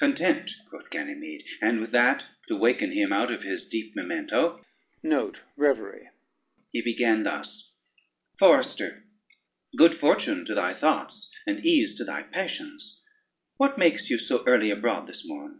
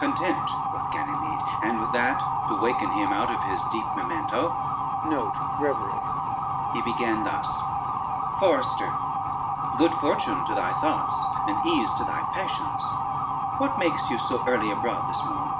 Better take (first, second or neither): first